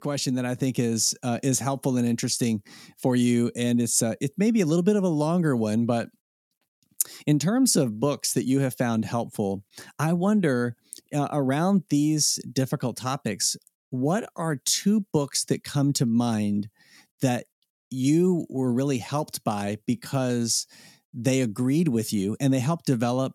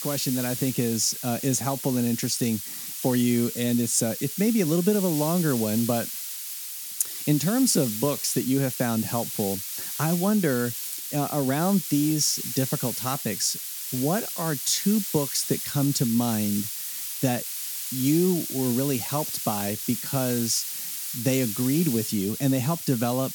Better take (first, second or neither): first